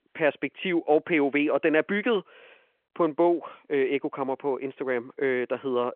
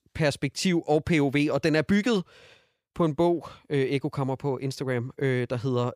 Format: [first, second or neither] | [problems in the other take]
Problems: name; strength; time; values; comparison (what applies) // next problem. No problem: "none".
second | phone-call audio